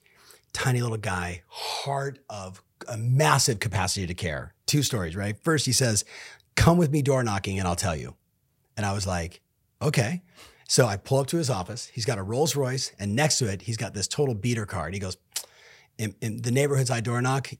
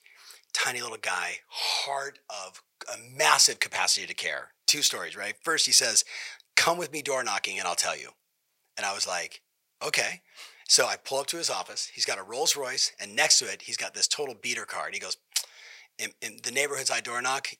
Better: first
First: none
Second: thin; very; fading below 650 Hz

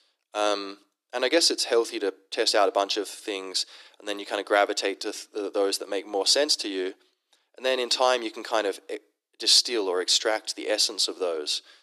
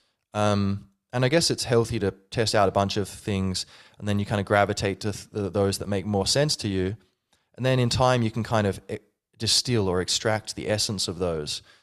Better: second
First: thin; very; fading below 300 Hz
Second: none

